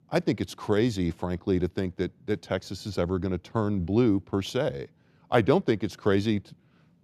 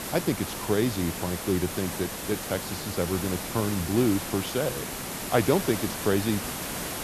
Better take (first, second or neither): first